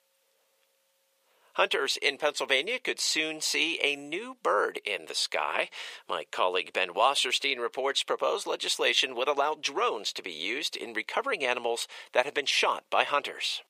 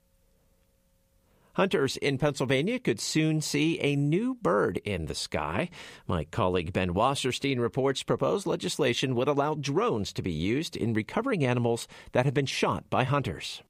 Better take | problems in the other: second | thin; very; fading below 500 Hz

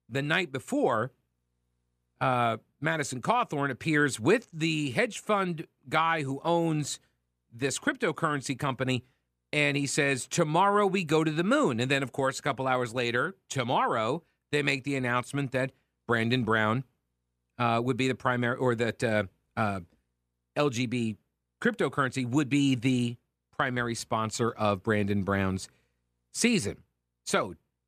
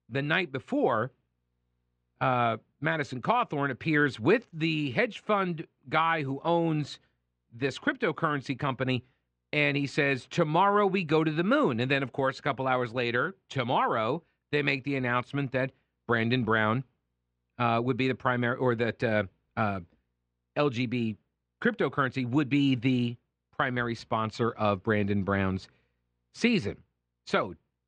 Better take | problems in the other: first | muffled; slightly; fading above 4 kHz

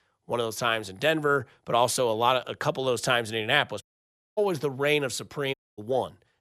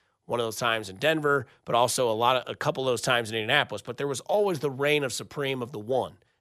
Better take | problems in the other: second | audio cutting out; at 4 s for 0.5 s and at 5.5 s

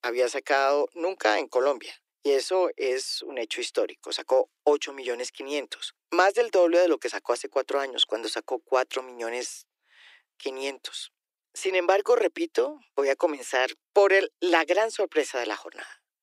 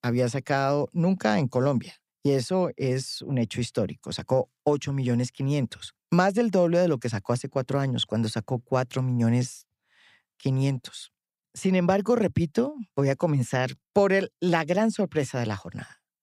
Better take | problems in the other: second | thin; very; fading below 300 Hz

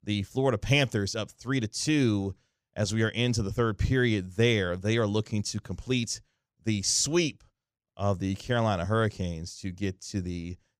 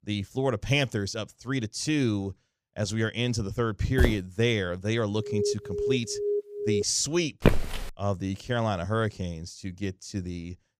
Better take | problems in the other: first | footsteps; loud; at 4 s and at 7.5 s; peak 4 dB above the speech // alarm; noticeable; from 5 to 7 s; peak 1 dB below the speech

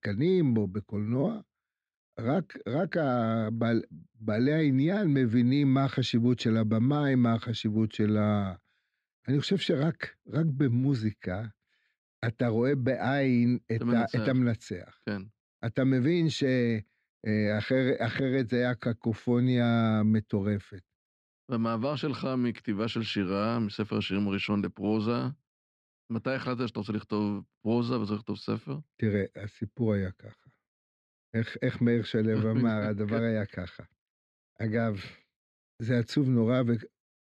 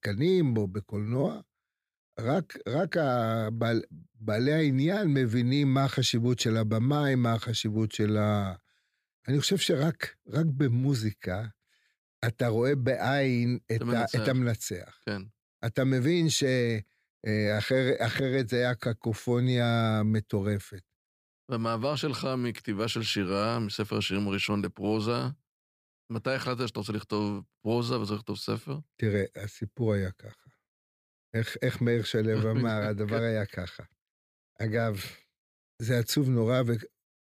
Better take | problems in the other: second | muffled; very slightly; fading above 3.5 kHz

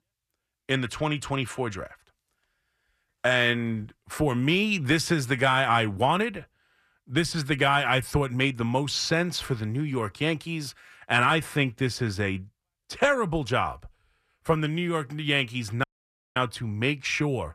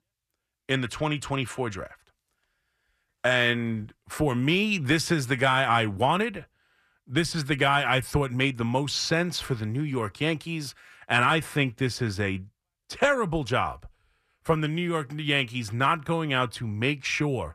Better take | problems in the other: second | audio cutting out; at 16 s for 0.5 s

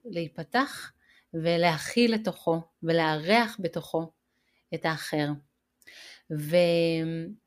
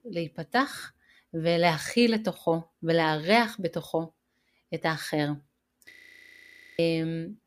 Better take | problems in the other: first | audio freezing; at 6 s for 1 s

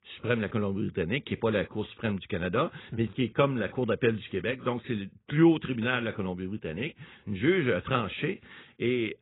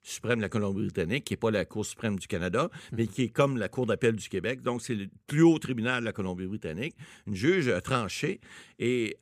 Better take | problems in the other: second | garbled, watery; badly; nothing above 4 kHz

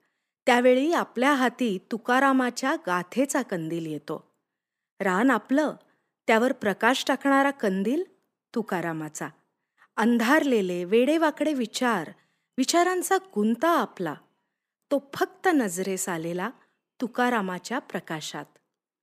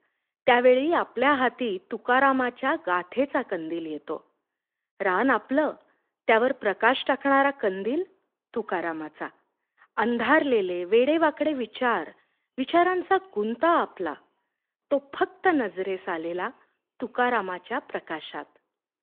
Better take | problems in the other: first | phone-call audio

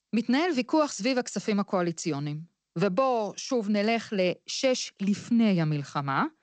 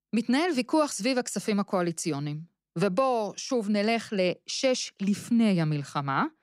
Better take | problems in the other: second | garbled, watery; slightly; nothing above 7.5 kHz

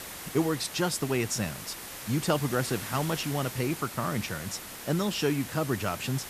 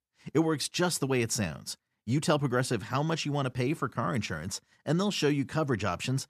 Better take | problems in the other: second | hiss; loud; throughout; 9 dB below the speech

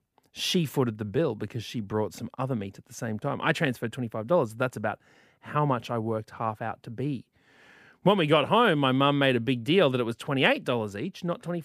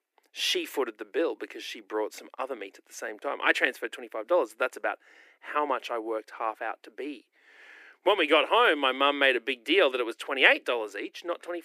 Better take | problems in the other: first | thin; very; fading below 300 Hz

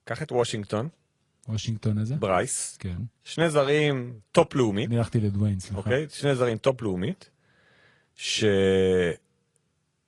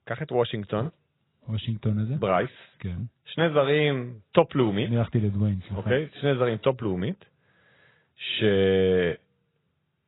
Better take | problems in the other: first | garbled, watery; badly; nothing above 4 kHz; slightly in the first

